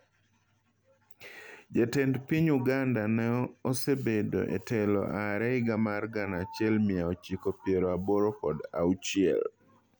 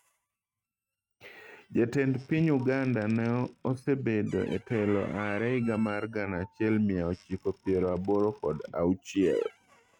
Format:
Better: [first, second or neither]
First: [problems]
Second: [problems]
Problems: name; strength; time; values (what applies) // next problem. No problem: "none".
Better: first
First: none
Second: noise reduction (neural mask model RNNoise)